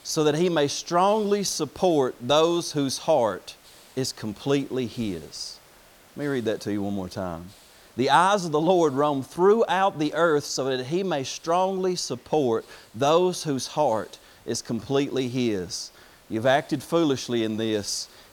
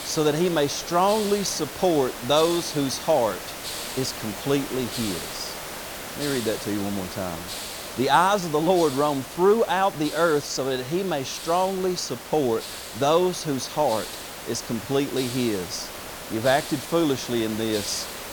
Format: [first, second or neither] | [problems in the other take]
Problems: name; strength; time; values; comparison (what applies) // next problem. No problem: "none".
first | hiss; loud; throughout; 9 dB below the speech; faint in the first